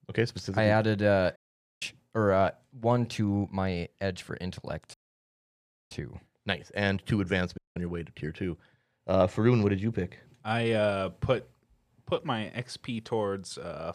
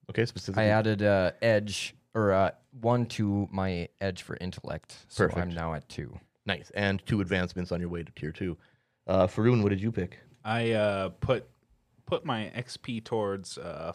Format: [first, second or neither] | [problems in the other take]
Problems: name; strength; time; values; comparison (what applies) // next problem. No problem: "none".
second | audio cutting out; at 1.5 s, at 5 s for 1 s and at 7.5 s